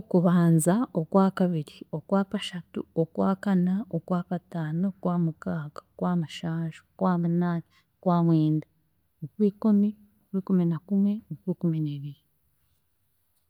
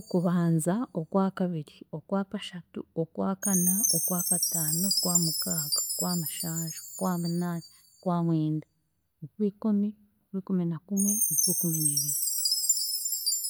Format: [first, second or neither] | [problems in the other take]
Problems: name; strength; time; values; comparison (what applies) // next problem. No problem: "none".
first | background sound (Chime); 1 dB below the speech